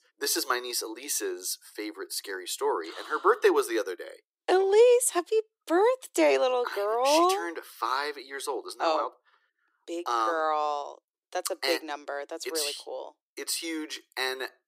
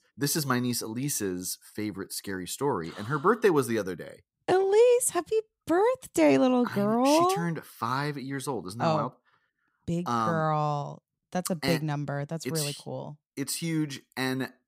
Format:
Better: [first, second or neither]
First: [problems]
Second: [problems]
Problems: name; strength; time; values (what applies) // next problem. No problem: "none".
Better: second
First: thin; very; fading below 350 Hz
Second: none